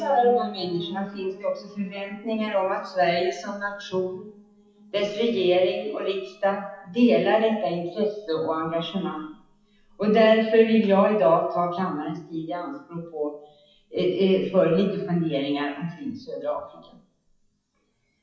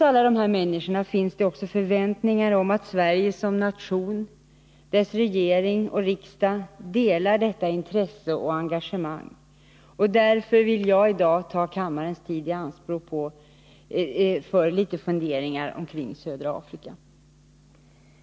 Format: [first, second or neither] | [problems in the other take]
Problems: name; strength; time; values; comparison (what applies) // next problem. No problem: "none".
second | noise reduction (classical method WPE with log-MMSE)